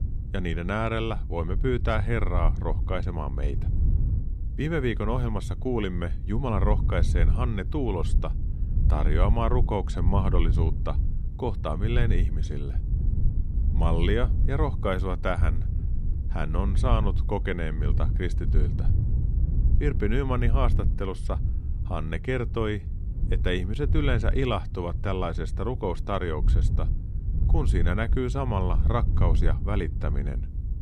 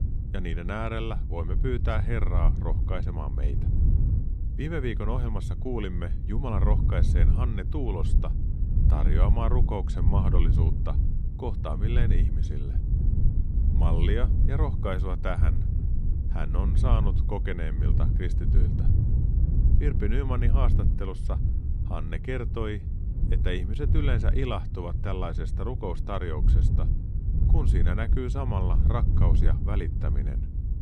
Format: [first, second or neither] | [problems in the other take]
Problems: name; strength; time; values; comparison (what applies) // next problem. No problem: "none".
first | wind noise on the microphone; heavy; 6 dB below the speech; occasional gusts in the first